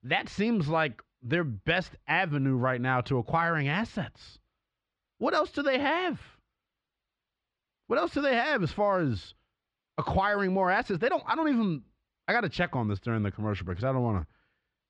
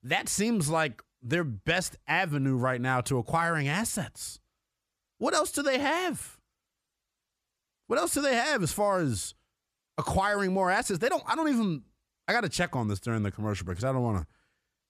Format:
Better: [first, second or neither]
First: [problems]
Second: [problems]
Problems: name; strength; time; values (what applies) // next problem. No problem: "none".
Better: second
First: muffled; slightly; fading above 4 kHz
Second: none